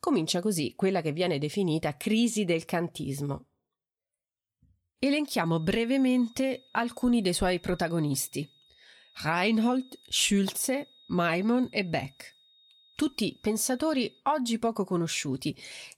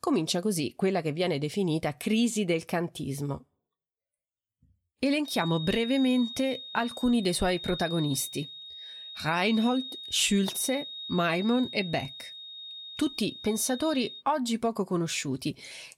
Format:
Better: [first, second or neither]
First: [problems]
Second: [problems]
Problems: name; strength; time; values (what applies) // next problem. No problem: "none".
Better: first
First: high-pitched whine; faint; from 5.5 to 14 s; 3.5 kHz, 30 dB below the speech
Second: high-pitched whine; loud; from 5.5 to 14 s; 3.5 kHz, 10 dB below the speech